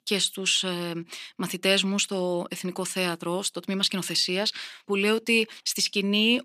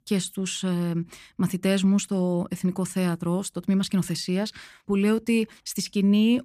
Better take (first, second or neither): second